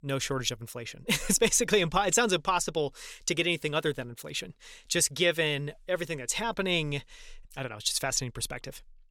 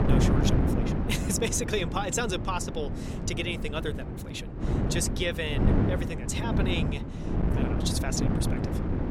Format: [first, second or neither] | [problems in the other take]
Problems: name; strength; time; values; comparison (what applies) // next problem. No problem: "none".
first | wind noise on the microphone; heavy; 3 dB below the speech